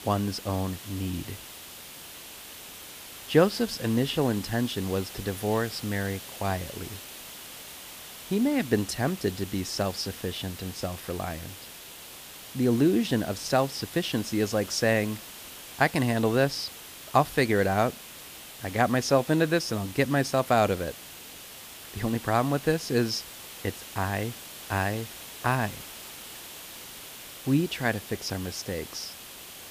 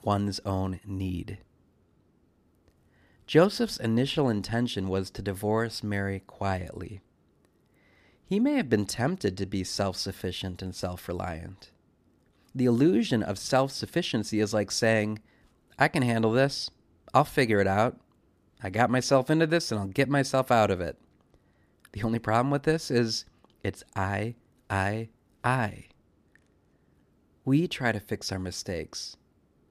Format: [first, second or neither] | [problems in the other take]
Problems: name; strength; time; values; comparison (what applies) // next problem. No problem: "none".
second | hiss; noticeable; throughout; 15 dB below the speech